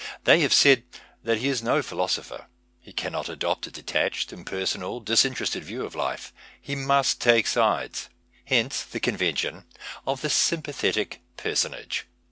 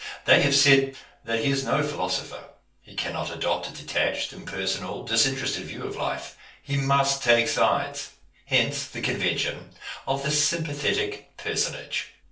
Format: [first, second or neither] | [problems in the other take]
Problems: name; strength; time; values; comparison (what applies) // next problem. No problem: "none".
first | room echo; dies away in 0.3 s